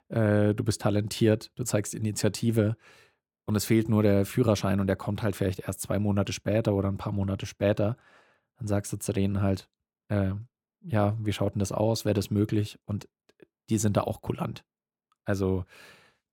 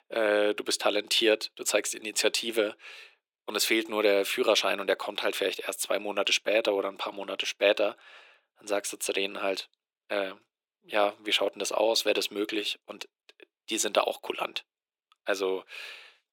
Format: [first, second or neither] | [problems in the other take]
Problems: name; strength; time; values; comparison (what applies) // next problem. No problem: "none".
first | thin; very; fading below 400 Hz